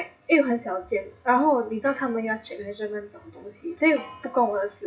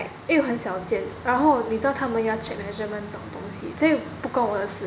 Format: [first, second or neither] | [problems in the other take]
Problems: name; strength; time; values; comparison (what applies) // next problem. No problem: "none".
second | noise reduction (classical method WPE with log-MMSE)